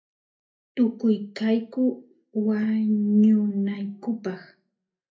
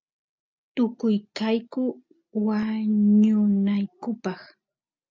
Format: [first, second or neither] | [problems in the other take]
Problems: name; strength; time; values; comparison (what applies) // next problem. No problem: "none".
second | room echo; dies away in 0.3 s